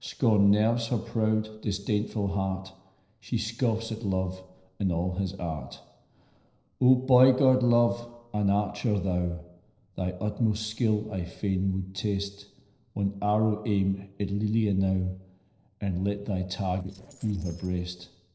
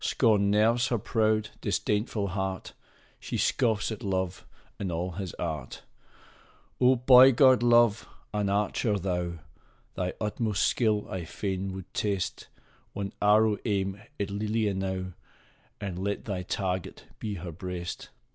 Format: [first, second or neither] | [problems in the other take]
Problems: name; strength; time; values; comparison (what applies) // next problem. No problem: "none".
second | noise reduction (neural separator model SepFormer DNS4)